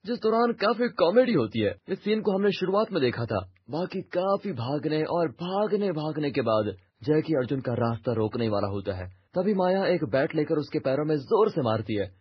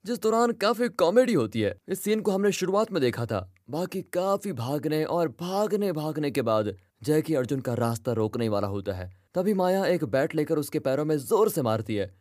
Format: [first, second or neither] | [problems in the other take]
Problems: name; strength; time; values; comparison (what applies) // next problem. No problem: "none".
second | garbled, watery; badly